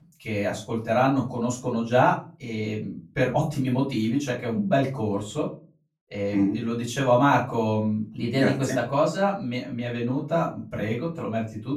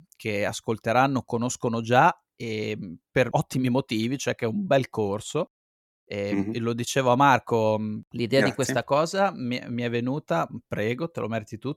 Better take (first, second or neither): second